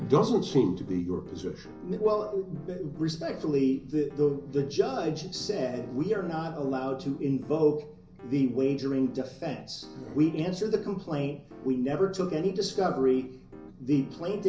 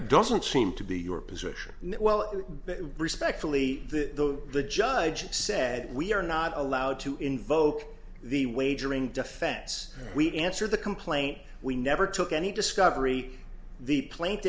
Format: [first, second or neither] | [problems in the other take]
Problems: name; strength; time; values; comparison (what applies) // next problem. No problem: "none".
second | background sound (Piano); 20 dB below the speech // room echo; dies away in 0.5 s